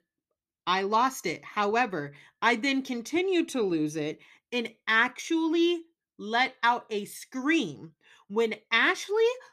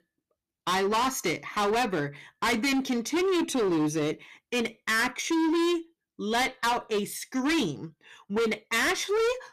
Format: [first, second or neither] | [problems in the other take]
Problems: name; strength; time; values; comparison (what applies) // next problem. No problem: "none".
first | distortion; heavy; 22% of the sound clipped